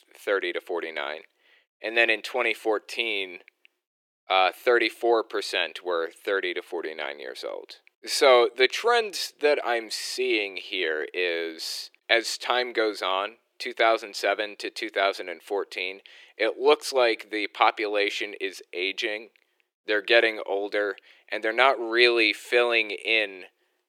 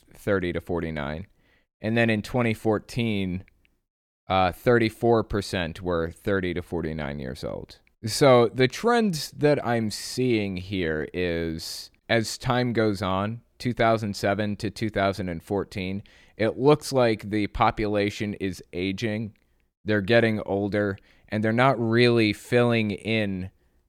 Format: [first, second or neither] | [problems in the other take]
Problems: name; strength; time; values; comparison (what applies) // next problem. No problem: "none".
second | thin; very; fading below 350 Hz